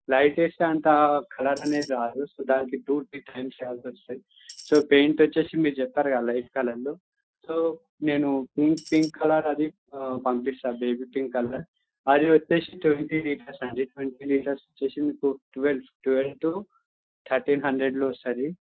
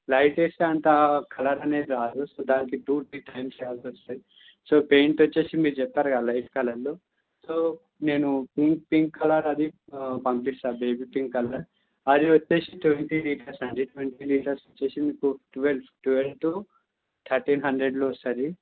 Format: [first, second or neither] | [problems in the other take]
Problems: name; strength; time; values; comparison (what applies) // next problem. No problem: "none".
second | noise reduction (classical method Wiener filter)